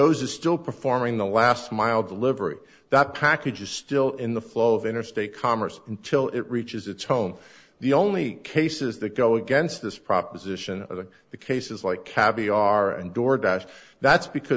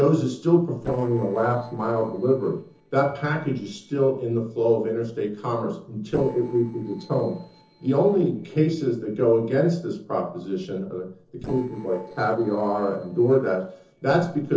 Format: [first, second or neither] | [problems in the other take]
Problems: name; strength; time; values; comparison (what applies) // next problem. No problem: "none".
first | noise reduction (neural separator model SepFormer DNS4)